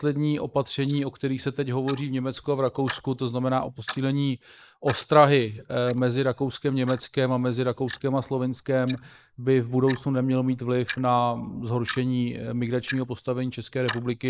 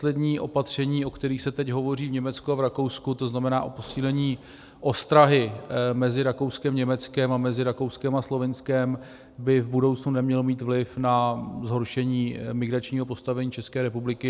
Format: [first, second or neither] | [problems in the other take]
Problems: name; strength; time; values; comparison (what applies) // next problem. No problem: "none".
second | noise reduction (neural mask model Resemble Enhance denoiser)